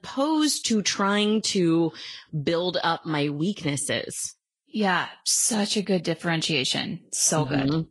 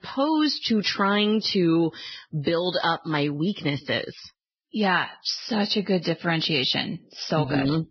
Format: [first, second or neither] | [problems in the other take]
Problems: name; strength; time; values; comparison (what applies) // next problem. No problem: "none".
first | garbled, watery; badly; nothing above 5.5 kHz; slightly in the first